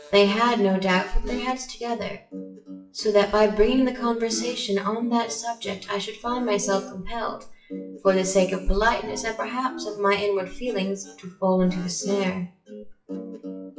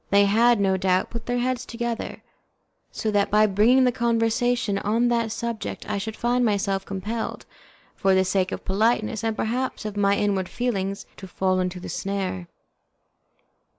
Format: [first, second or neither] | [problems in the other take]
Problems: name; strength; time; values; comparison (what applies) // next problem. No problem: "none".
second | noise reduction (classical method WPE with log-MMSE)